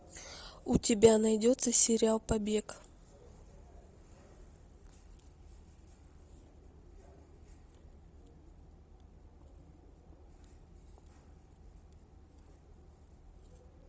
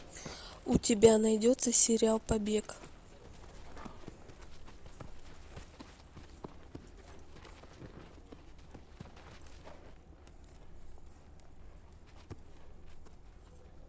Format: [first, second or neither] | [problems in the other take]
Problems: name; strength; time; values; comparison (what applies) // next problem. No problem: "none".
first | background sound (Livestock, farm animals, working animals); 15 dB below the speech